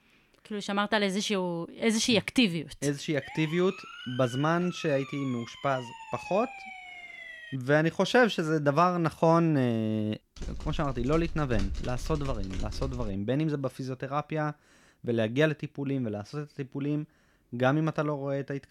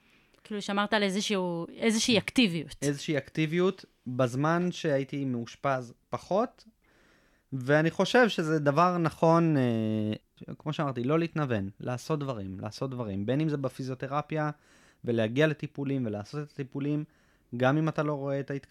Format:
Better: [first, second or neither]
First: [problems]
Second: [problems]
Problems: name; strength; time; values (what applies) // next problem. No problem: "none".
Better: second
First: siren; faint; from 3 to 7.5 s; peak 10 dB below the speech // keyboard typing; noticeable; from 10 to 13 s; peak 9 dB below the speech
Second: none